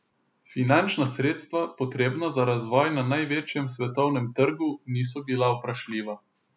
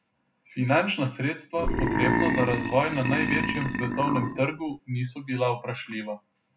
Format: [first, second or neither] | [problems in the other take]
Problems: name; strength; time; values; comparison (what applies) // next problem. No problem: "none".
first | background sound (Burping, eructation); 1 dB above the speech // room echo; dies away in 0.3 s